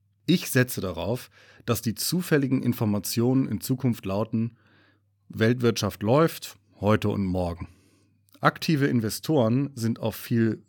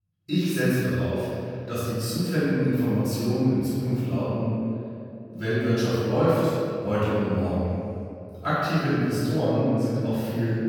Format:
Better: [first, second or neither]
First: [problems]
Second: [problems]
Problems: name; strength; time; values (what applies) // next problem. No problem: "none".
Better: first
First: none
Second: off-mic speech; far // room echo; strong; dies away in 2.4 s